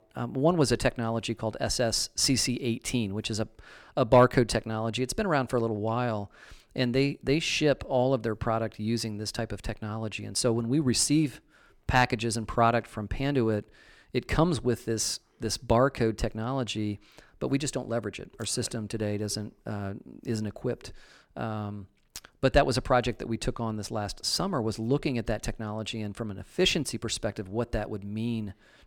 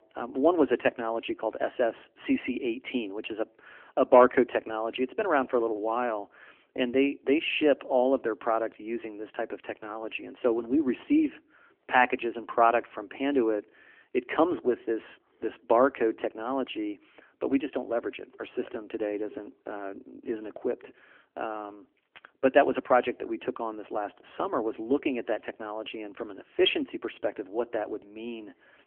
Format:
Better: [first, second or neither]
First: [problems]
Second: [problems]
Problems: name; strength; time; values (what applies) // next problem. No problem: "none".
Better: first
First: none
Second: phone-call audio; nothing above 3.5 kHz